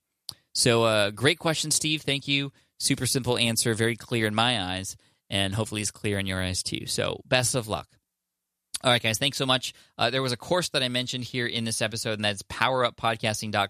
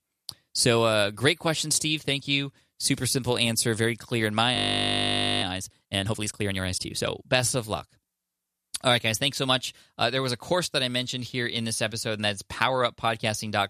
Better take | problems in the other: first | audio freezing; at 4.5 s for 1 s

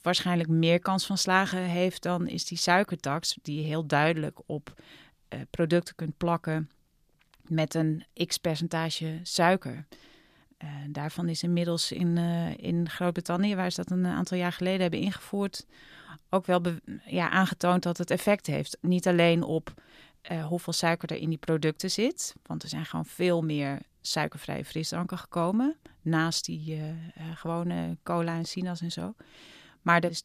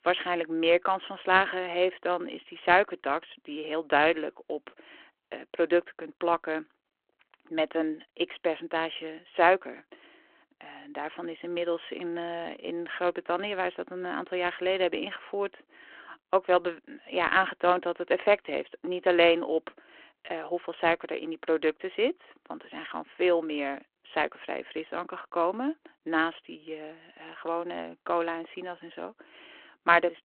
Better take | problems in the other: first | phone-call audio

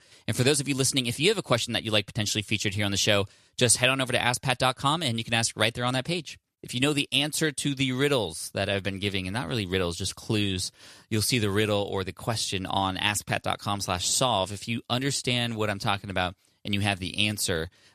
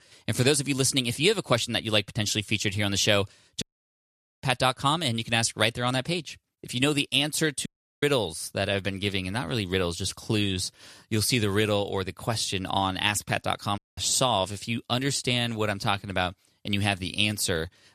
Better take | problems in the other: first | audio cutting out; at 3.5 s for 1 s, at 7.5 s and at 14 s

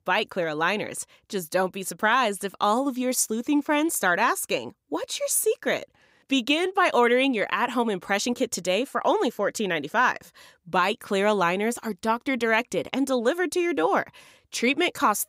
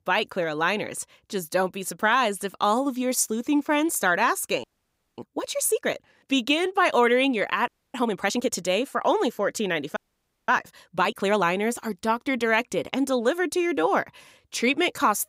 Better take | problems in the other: first | audio freezing; at 4.5 s for 0.5 s, at 7.5 s and at 10 s for 0.5 s

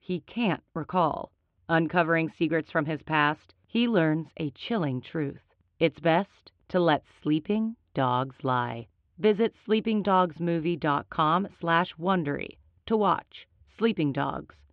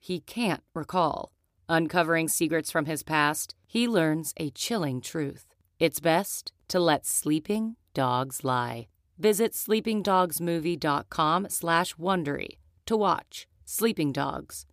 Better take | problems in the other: second | muffled; very; fading above 3 kHz

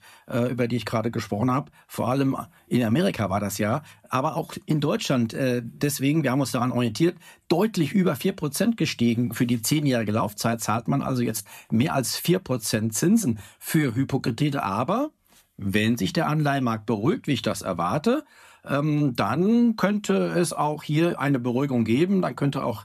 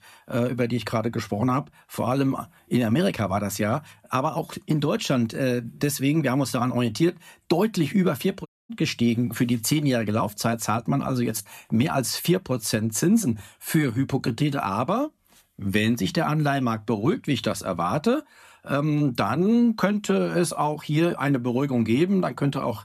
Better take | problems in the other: first | audio cutting out; at 8.5 s

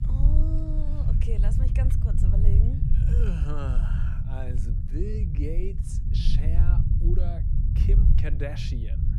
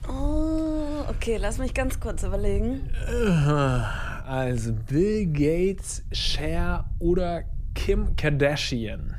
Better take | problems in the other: second | low rumble; loud; throughout; 1 dB below the speech; faint in the second

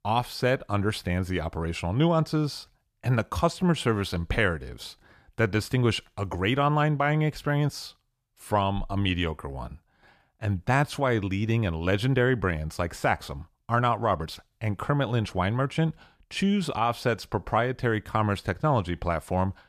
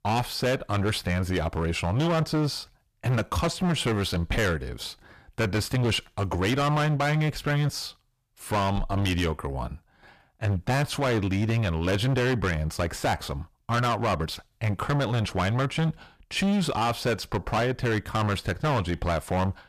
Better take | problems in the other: first | distortion; heavy; 17% of the sound clipped

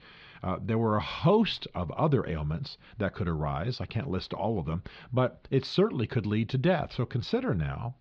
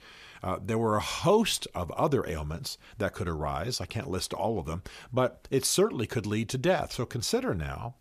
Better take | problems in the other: second | muffled; very slightly; fading above 4 kHz

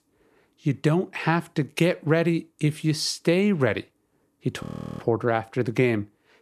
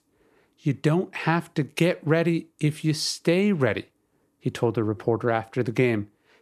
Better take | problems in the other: second | audio freezing; at 4.5 s

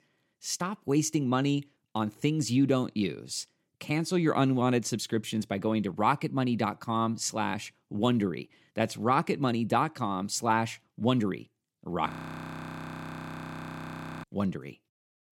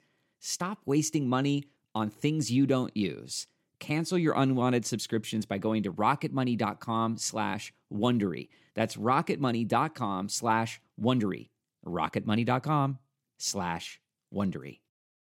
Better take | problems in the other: second | audio freezing; at 12 s for 2 s

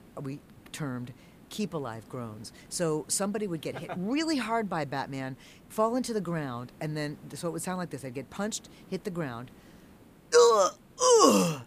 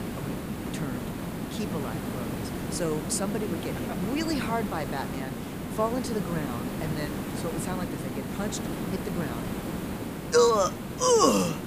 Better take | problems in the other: first | hiss; loud; throughout; 4 dB below the speech; faint in the first

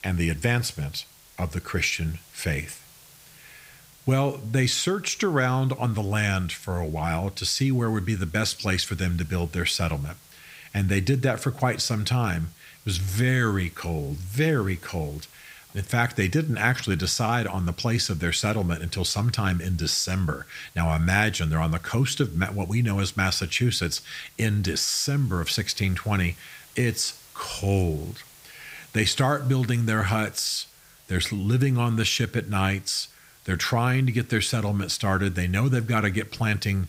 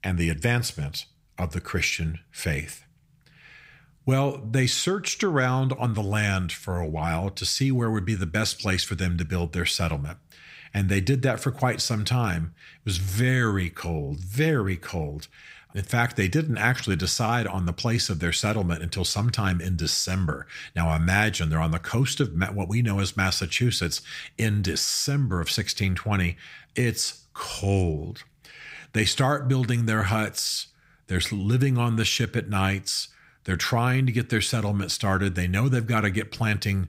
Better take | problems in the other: second | hiss; faint; throughout; 25 dB below the speech

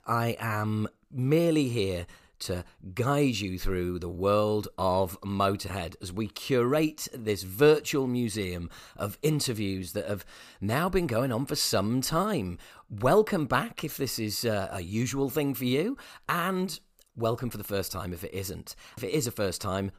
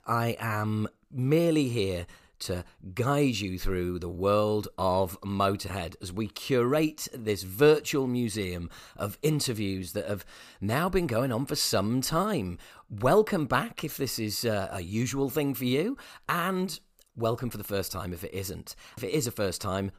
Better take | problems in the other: neither | none

